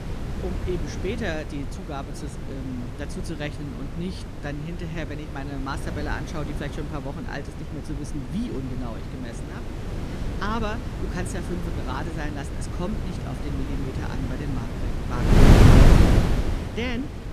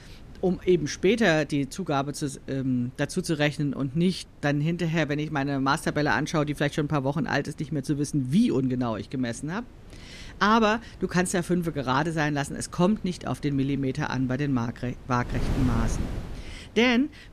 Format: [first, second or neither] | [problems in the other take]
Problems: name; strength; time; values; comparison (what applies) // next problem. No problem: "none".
second | wind noise on the microphone; heavy; 3 dB above the speech; occasional gusts in the second